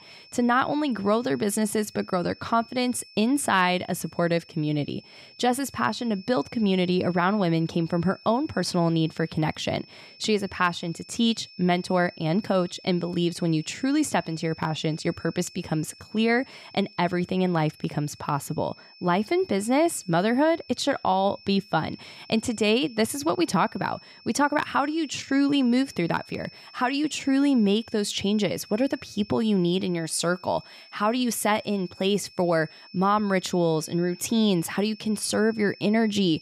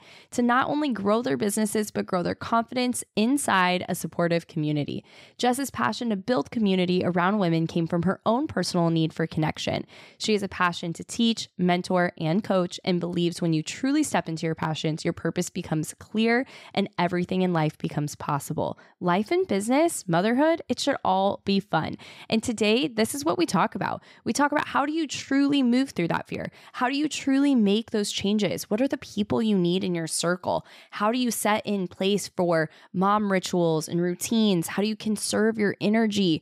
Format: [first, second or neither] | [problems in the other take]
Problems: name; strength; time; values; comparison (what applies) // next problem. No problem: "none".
second | high-pitched whine; faint; throughout; 5.5 kHz, 20 dB below the speech